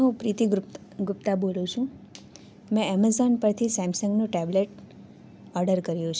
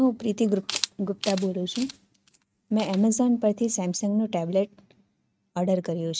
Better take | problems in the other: first | noise reduction (neural mask model RNNoise)

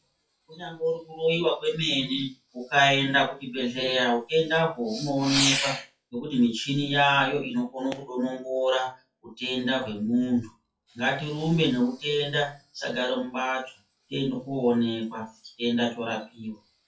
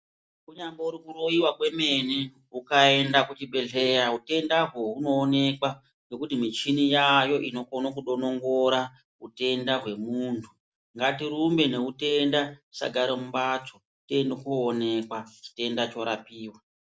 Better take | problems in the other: second | noise reduction (classical method WPE with log-MMSE)

